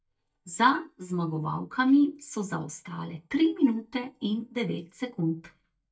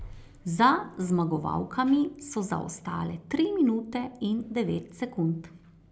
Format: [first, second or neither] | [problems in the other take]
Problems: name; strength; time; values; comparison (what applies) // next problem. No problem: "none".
second | noise reduction (neural mask model DeepFilterNet 3)